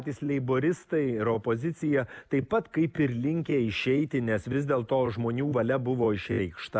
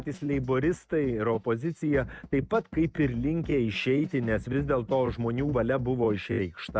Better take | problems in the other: first | noise reduction (neural mask model RNNoise)

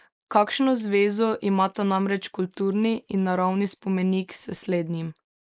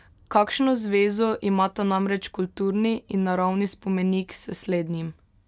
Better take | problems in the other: second | noise reduction (neural mask model Resemble Enhance denoiser)

